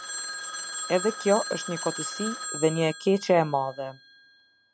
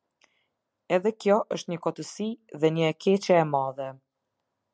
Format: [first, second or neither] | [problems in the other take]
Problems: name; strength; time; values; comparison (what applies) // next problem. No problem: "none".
second | background sound (Telephone); 8 dB below the speech